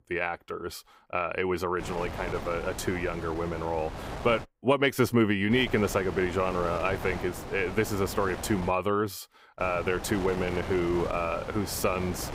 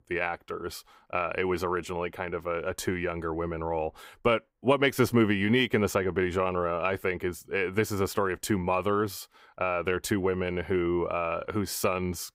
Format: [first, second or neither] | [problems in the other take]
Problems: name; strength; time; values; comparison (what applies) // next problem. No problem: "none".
second | wind noise on the microphone; occasional gusts; from 2 to 4.5 s, from 5.5 to 8.5 s and from 9.5 s on; 10 dB below the speech